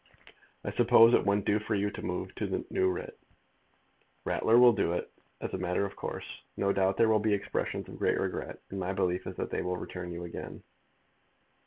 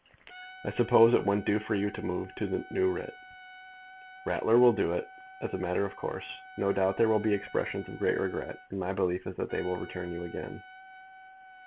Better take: first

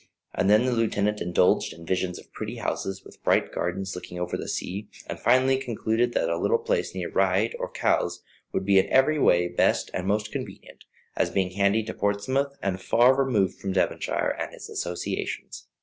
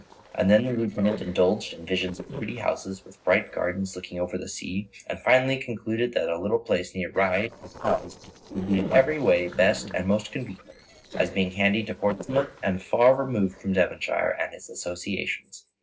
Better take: first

